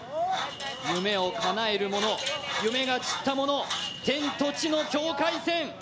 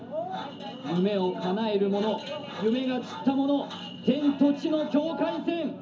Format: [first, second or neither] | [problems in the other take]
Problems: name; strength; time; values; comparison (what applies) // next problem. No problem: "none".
first | room echo; dies away in 0.4 s